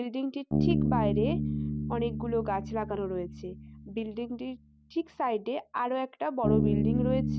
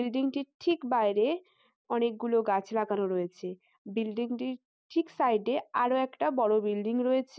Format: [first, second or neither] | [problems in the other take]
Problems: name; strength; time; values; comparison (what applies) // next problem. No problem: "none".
second | background sound (Bass guitar); 1 dB above the speech